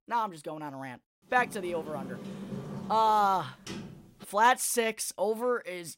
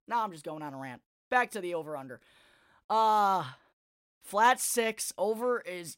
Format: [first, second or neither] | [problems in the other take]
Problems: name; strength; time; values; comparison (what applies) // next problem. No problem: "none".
second | door banging; faint; from 1.5 to 4.5 s; peak 10 dB below the speech